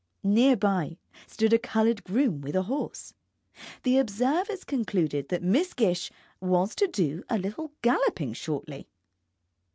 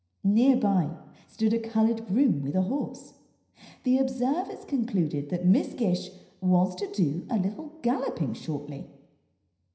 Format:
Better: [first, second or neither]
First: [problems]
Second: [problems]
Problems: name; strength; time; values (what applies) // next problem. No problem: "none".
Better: first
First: none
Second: room echo; dies away in 0.9 s